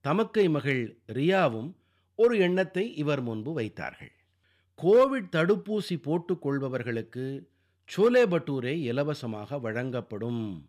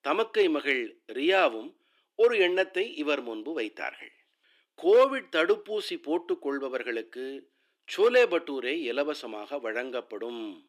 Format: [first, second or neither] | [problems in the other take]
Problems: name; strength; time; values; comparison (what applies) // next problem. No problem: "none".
first | thin; somewhat; fading below 300 Hz